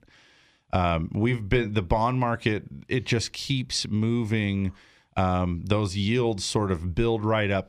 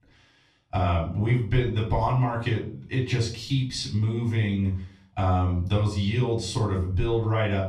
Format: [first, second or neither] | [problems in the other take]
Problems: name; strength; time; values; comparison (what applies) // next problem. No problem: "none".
first | off-mic speech; far // room echo; slight; dies away in 0.4 s